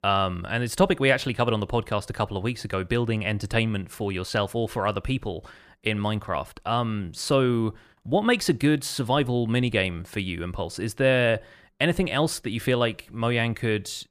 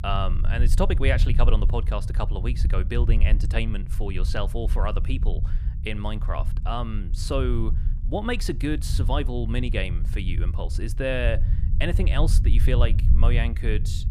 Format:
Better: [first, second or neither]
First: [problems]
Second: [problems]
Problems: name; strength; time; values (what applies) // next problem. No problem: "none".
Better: first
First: none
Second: low rumble; noticeable; throughout; 10 dB below the speech